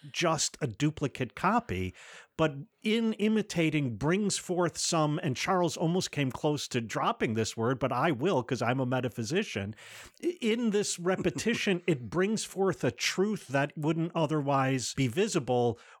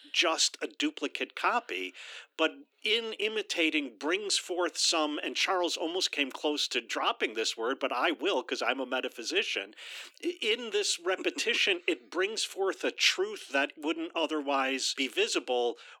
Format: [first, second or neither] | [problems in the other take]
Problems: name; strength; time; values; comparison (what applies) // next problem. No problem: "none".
first | thin; somewhat; fading below 300 Hz